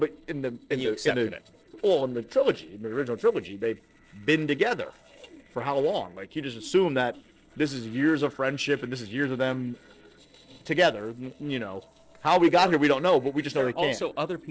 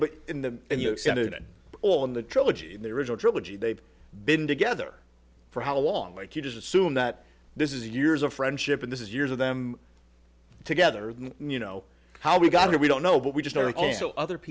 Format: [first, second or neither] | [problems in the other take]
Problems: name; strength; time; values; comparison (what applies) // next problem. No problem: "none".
second | noise reduction (neural separator model SepFormer DNS4)